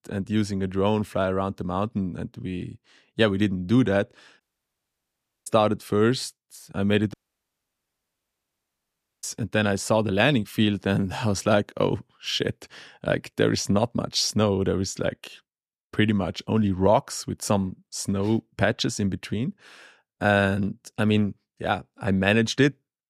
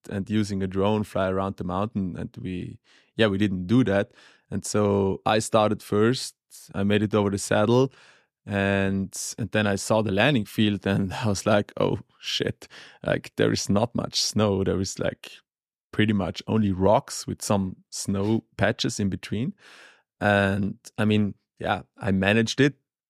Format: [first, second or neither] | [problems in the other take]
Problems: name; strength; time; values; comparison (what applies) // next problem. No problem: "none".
second | audio cutting out; at 4.5 s for 1 s and at 7 s for 2 s